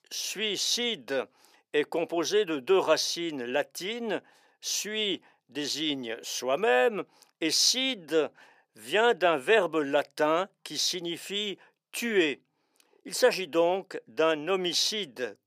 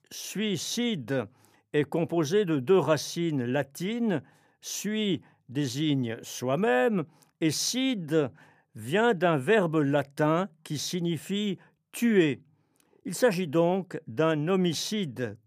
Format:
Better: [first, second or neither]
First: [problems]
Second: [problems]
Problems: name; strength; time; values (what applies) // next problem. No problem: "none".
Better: second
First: thin; somewhat; fading below 450 Hz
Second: none